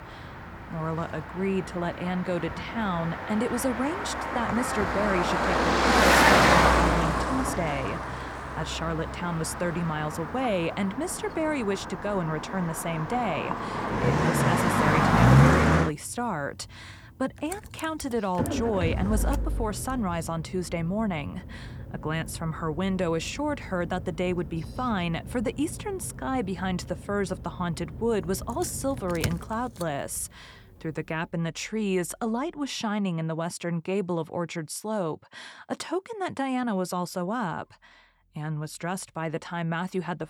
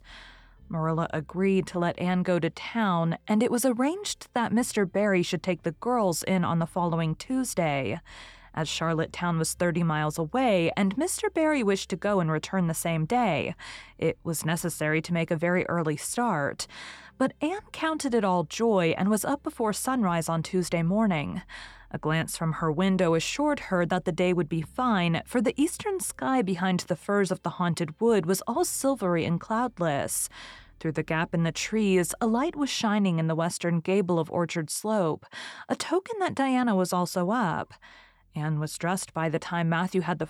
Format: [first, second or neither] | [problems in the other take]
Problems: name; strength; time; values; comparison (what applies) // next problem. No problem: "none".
second | traffic noise; very loud; until 31 s; 5 dB above the speech